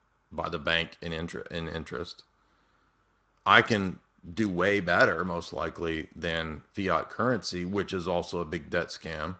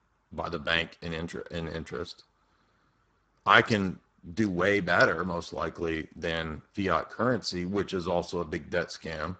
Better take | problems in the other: first | garbled, watery; badly; nothing above 7.5 kHz; slightly in the first

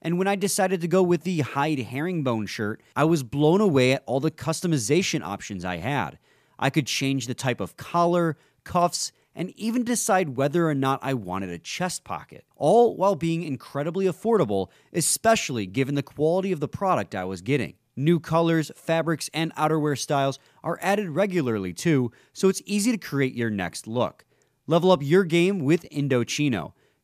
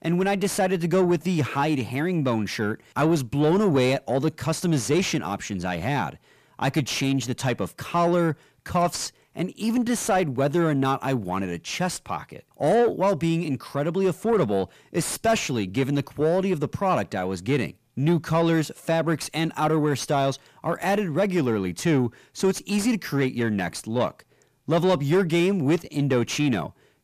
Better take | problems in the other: first | distortion; slight; 10 dB below the speech

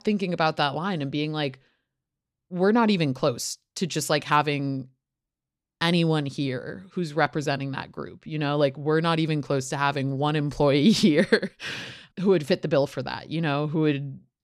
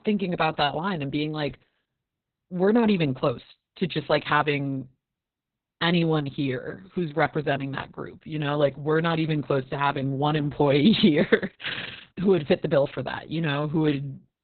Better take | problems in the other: first | garbled, watery; badly; nothing above 4 kHz

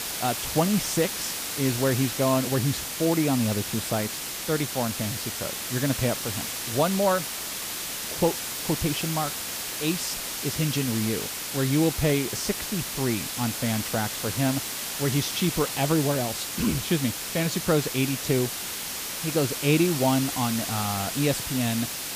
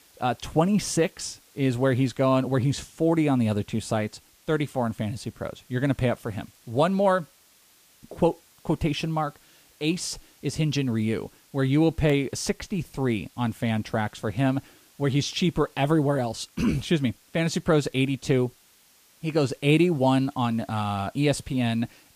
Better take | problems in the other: second | hiss; loud; throughout; 3 dB below the speech; faint in the second

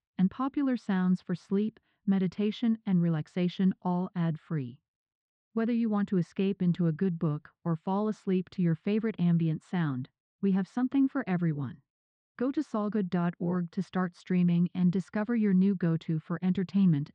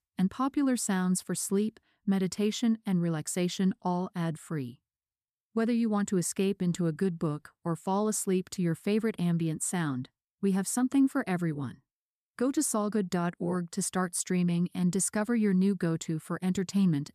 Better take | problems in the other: second | muffled; very; fading above 3.5 kHz

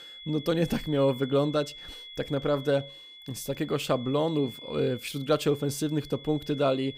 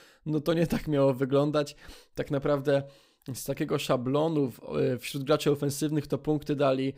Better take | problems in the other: second | high-pitched whine; noticeable; throughout; 3.5 kHz, 15 dB below the speech

